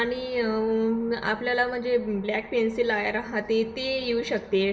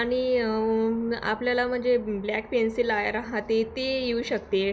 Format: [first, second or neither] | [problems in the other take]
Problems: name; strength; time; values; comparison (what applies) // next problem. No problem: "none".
second | room echo; dies away in 0.6 s